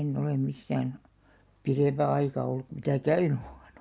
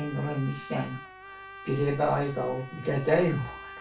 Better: first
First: none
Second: background sound (Trumpet); 15 dB below the speech // room echo; dies away in 0.2 s

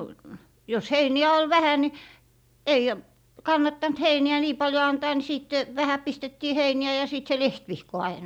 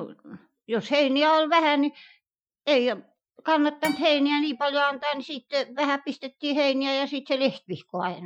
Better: first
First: none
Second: noise reduction (classical method Wiener filter)

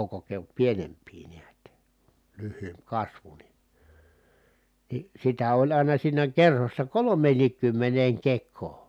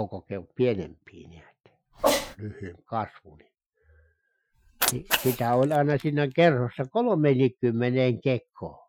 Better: first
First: none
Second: noise reduction (classical method Wiener filter)

